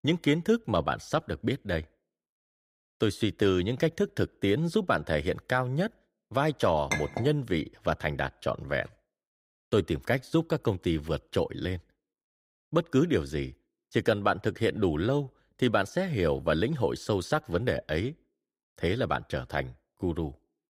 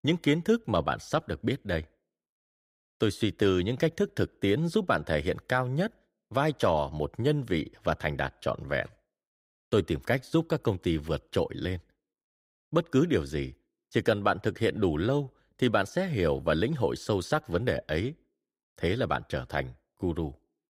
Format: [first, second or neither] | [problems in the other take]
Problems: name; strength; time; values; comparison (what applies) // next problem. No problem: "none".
second | clattering dishes; noticeable; at 7 s; peak 3 dB below the speech